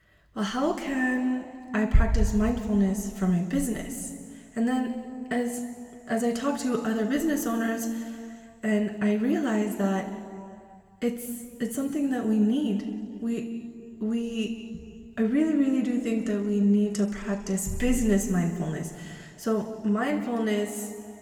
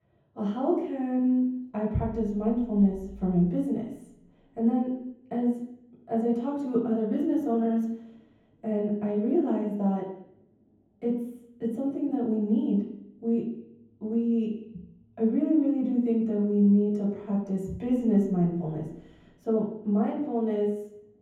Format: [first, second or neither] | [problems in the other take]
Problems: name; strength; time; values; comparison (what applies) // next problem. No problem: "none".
first | room echo; strong; dies away in 0.9 s; slight in the first // off-mic speech; far; somewhat distant in the first